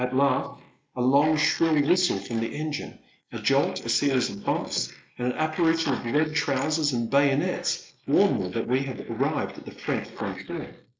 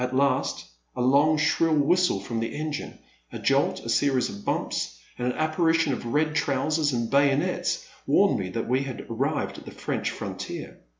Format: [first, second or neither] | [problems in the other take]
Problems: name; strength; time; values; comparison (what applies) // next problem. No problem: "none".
second | noise reduction (neural mask model Resemble Enhance denoiser)